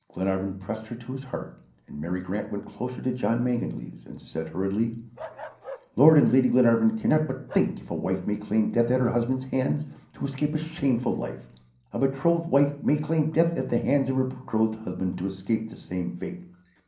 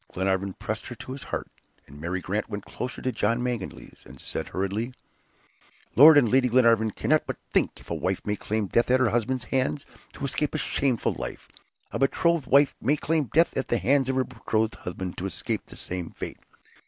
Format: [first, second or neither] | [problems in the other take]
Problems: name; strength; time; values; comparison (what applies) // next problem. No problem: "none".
second | background sound (Bark); 18 dB below the speech // room echo; dies away in 0.6 s